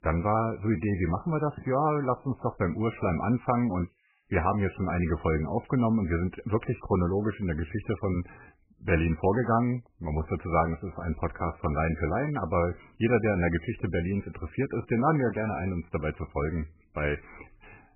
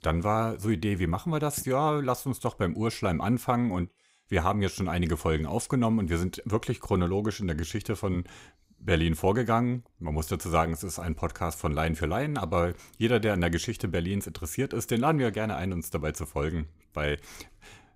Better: second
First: garbled, watery; badly; nothing above 2.5 kHz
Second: none

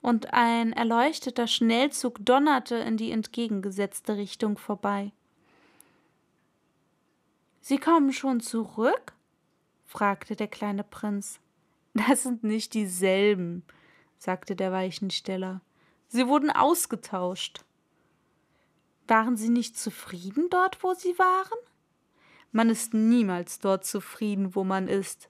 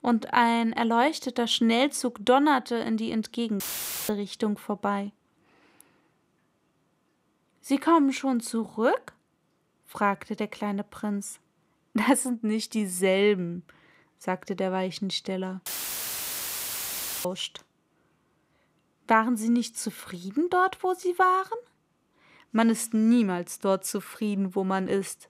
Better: first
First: none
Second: audio cutting out; filled with static; at 3.5 s and at 16 s for 1.5 s

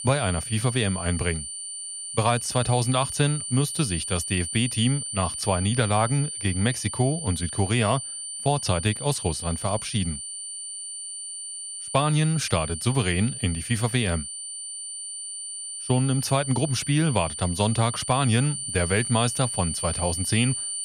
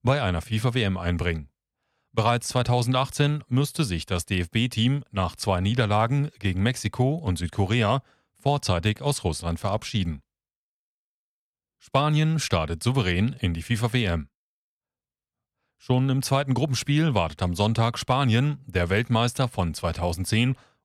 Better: second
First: high-pitched whine; loud; throughout; 9 kHz, 6 dB below the speech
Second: none

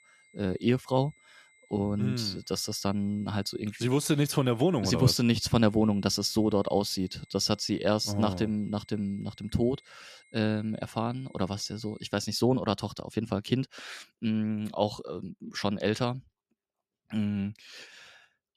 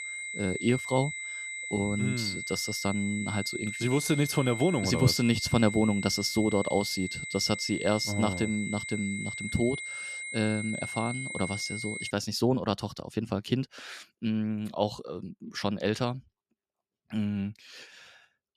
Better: first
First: high-pitched whine; faint; until 12 s; 2 kHz, 30 dB below the speech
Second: high-pitched whine; loud; until 12 s; 2 kHz, 6 dB below the speech

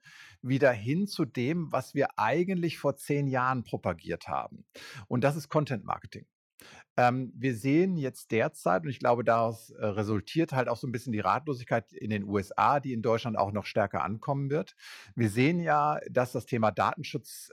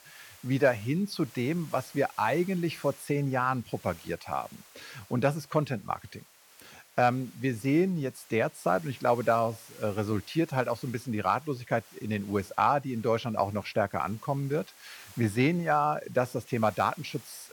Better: first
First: none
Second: hiss; faint; throughout; 20 dB below the speech

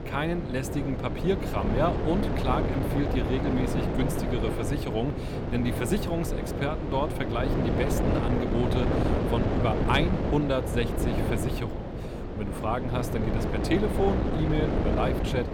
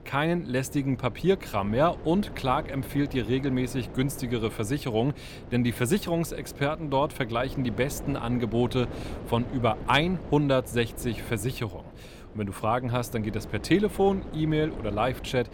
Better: second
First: wind noise on the microphone; heavy; 1 dB below the speech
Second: wind noise on the microphone; occasional gusts; 15 dB below the speech

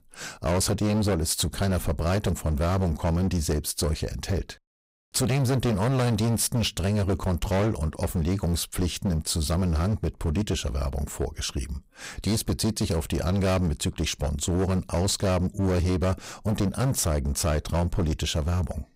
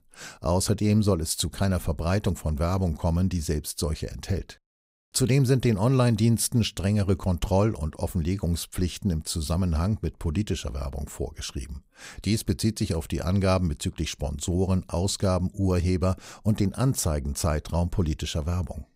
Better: second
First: distortion; heavy; 22% of the sound clipped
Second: none

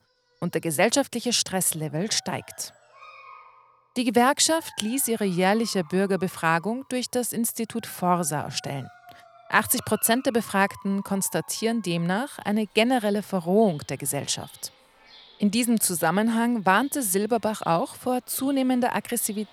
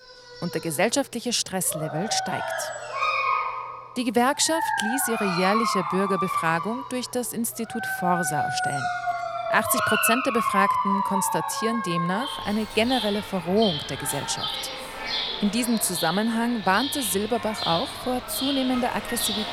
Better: first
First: animal sounds; faint; throughout; 25 dB below the speech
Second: animal sounds; loud; throughout; 2 dB below the speech

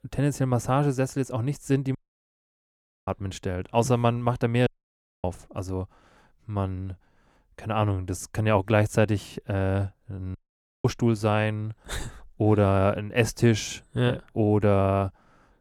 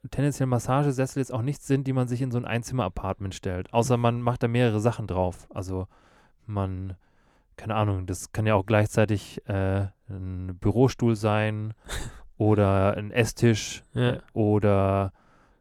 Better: second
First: audio cutting out; at 2 s for 1 s, at 4.5 s for 0.5 s and at 10 s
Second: none

